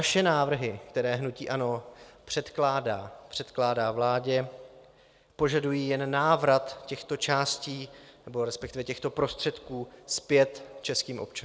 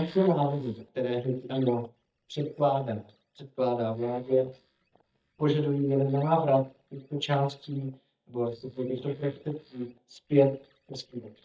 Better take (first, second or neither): first